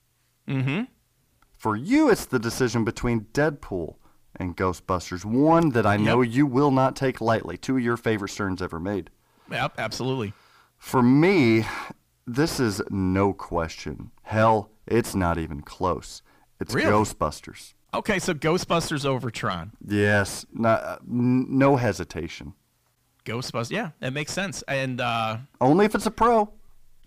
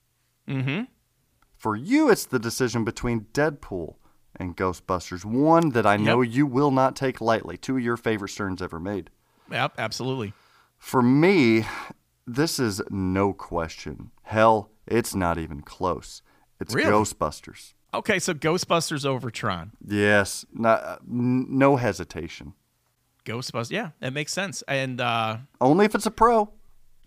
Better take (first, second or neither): second